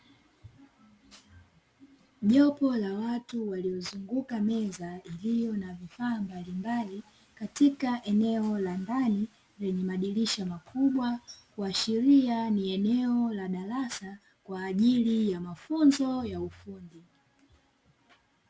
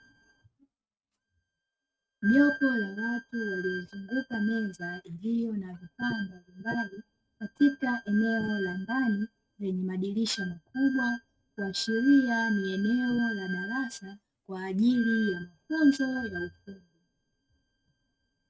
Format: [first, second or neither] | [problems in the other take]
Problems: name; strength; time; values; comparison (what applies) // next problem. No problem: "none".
first | noise reduction (neural mask model RNNoise)